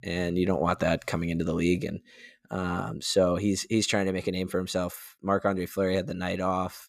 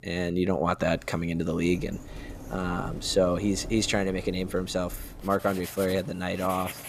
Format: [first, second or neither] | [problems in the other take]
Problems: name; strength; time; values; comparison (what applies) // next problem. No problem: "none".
first | household noises; noticeable; throughout; 15 dB below the speech